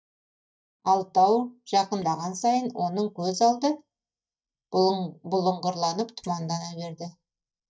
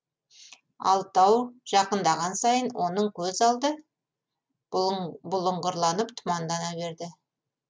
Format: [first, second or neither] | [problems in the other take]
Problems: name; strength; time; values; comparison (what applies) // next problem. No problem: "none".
second | noise reduction (neural mask model DeepFilterNet 3)